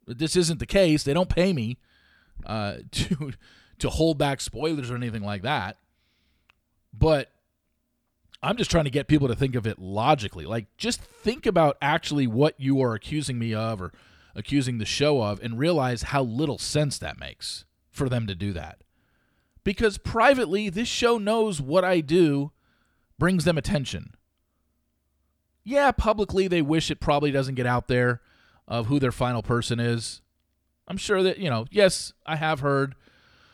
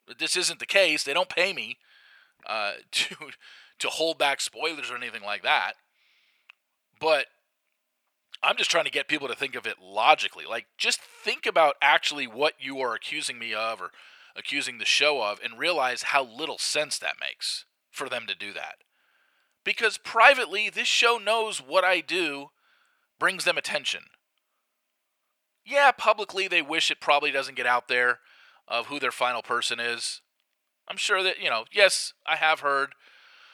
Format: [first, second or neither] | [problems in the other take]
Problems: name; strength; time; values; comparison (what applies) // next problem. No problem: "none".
first | thin; very; fading below 800 Hz